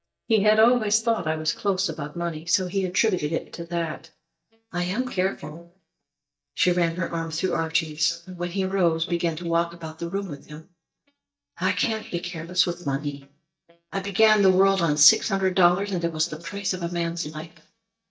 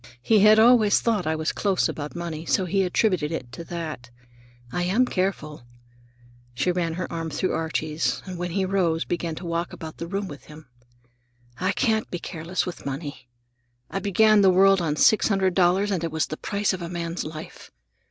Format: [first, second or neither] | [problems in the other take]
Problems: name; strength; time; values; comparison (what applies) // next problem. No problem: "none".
second | noise reduction (neural mask model DeepFilterNet 3)